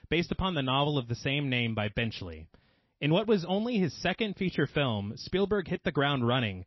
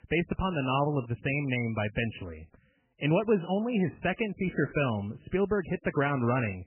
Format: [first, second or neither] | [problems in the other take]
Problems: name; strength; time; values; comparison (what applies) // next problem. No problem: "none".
first | garbled, watery; badly; nothing above 3 kHz; slightly in the first